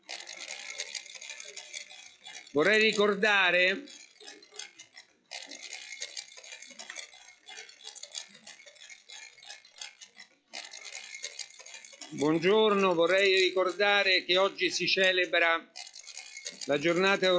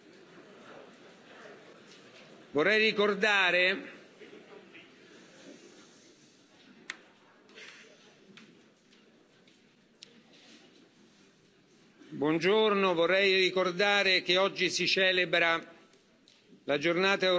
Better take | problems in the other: second | noise reduction (classical method log-MMSE)

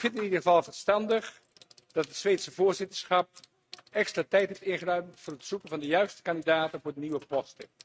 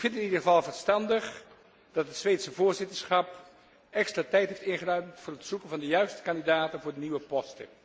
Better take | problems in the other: second | noise reduction (neural mask model RNNoise)

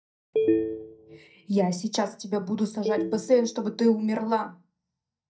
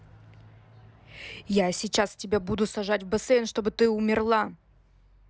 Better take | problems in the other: second | noise reduction (neural mask model DeepFilterNet 3)

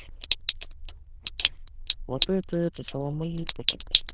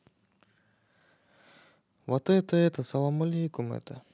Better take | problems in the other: second | noise reduction (neural diffusion model UNIVERSE++)

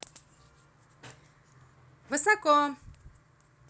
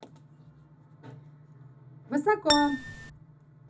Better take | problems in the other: first | background sound (Acoustic guitar); 1 dB above the speech // room echo; dies away in 0.4 s

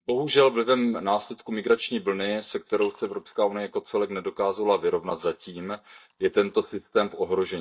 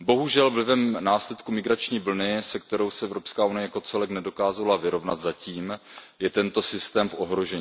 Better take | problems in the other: second | noise reduction (neural mask model DeepFilterNet 3)

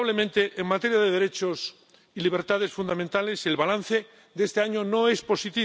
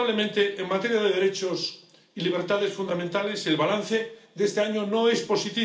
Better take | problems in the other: first | room echo; dies away in 0.4 s

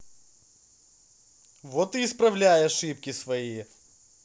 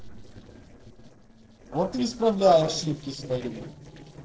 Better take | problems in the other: first | noise reduction (neural separator model SepFormer DNS4)

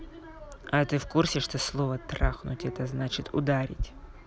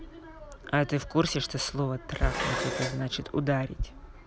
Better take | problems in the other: first | background sound (Dishes, pots, and pans); 6 dB below the speech

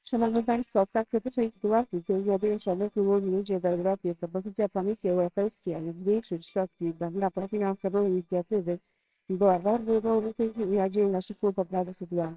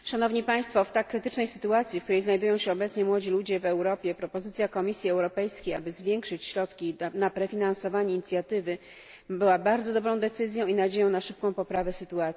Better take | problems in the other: second | noise reduction (neural separator model SepFormer WHAMR!)

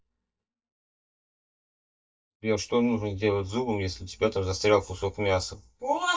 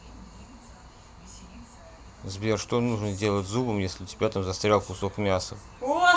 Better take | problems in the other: second | noise reduction (neural mask model DeepFilterNet 3)

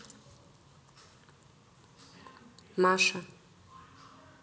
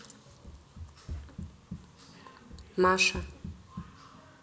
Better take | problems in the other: first | background sound (Run); 10 dB below the speech

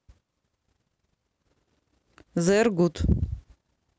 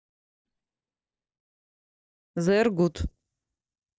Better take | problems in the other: first | noise reduction (neural mask model DeepFilterNet 3)

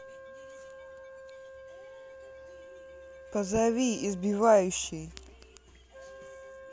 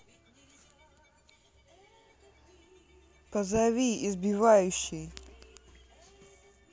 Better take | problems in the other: second | background sound (Wind instrument, woodwind instrument); 17 dB below the speech

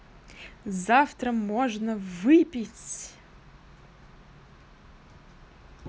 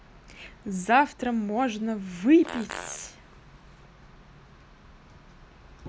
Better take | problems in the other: first | background sound (Fart); 15 dB below the speech

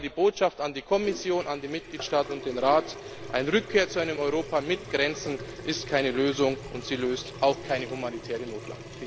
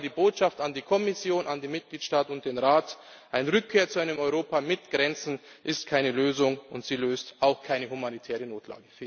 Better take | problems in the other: second | background sound (Sink (filling or washing) / Water tap, faucet); 13 dB below the speech

